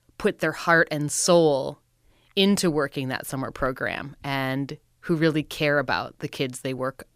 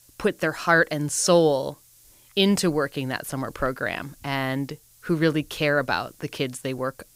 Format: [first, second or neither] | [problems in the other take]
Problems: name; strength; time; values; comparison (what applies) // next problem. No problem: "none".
first | hiss; faint; throughout; 30 dB below the speech